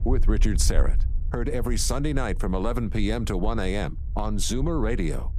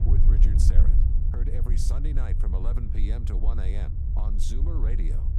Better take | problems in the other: first | low rumble; loud; throughout; 1 dB below the speech; faint in the first

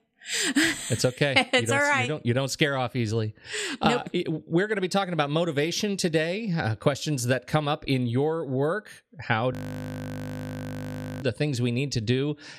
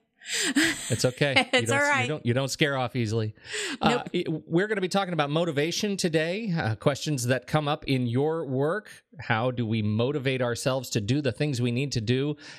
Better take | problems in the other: second | audio freezing; at 9.5 s for 1.5 s

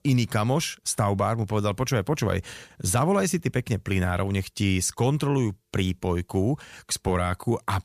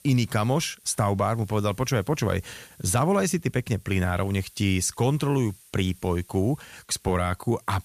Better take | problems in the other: first | hiss; faint; throughout; 25 dB below the speech

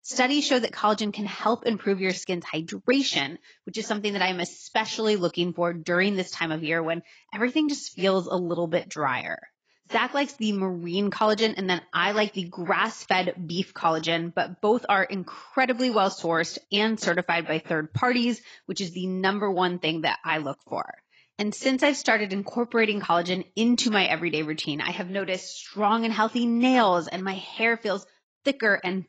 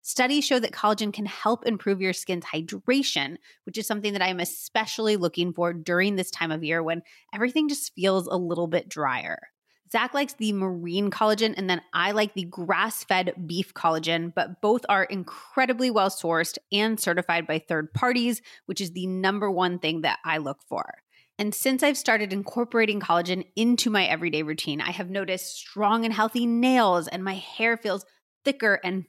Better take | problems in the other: second | garbled, watery; badly; nothing above 7.5 kHz

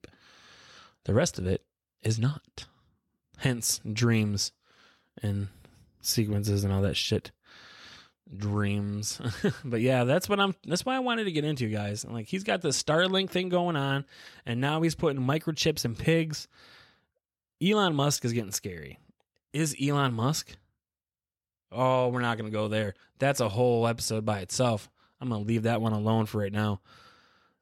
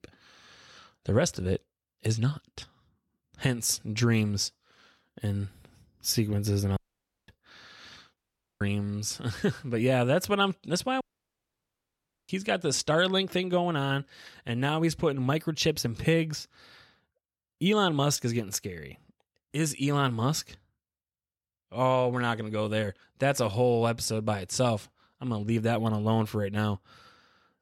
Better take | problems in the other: first | audio cutting out; at 7 s for 0.5 s, at 8 s and at 11 s for 1.5 s

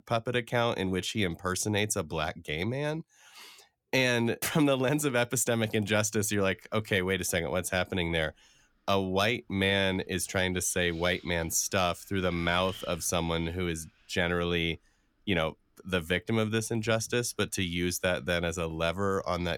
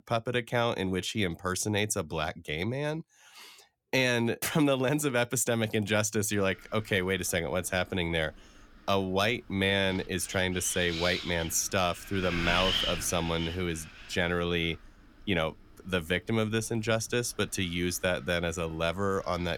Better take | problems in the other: first | wind noise on the microphone; heavy; from 6.5 s on; 5 dB below the speech; occasional gusts in the first

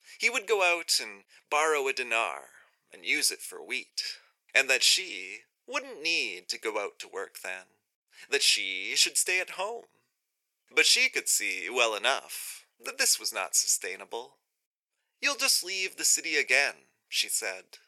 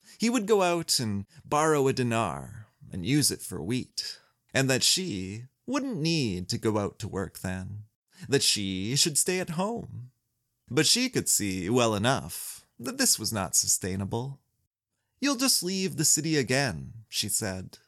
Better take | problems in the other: second | thin; very; fading below 450 Hz

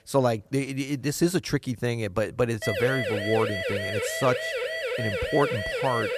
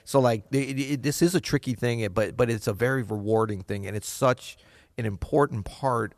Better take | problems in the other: second | siren; noticeable; from 2.5 s on; peak 1 dB below the speech

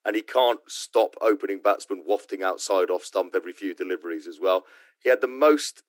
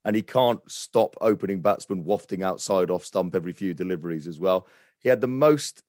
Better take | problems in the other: second | thin; somewhat; fading below 300 Hz

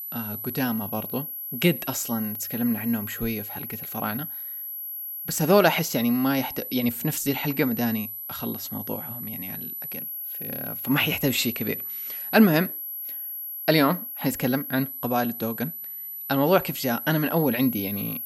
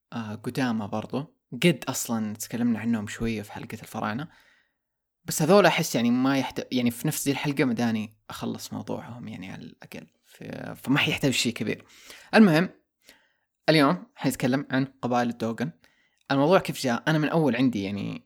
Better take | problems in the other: second | high-pitched whine; loud; throughout; 11.5 kHz, 7 dB below the speech

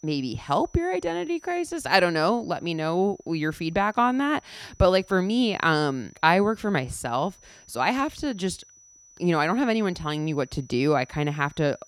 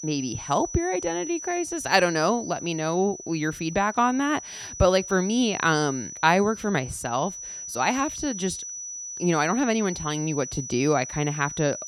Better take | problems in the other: first | high-pitched whine; loud; throughout; 6 kHz, 10 dB below the speech; faint in the first

